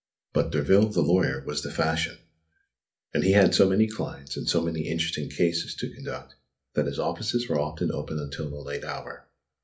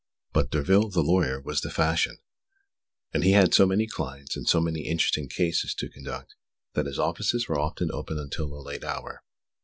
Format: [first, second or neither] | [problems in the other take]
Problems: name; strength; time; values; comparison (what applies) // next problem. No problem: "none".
second | room echo; dies away in 0.3 s